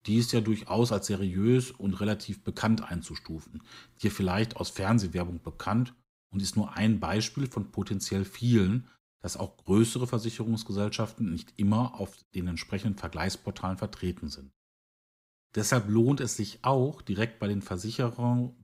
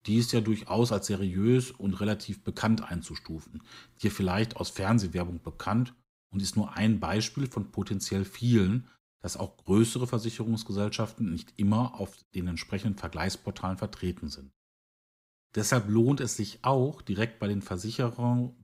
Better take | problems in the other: neither | none

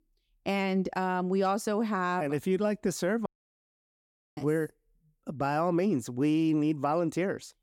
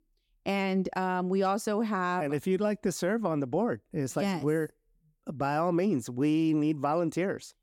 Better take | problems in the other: second | audio cutting out; at 3.5 s for 1 s

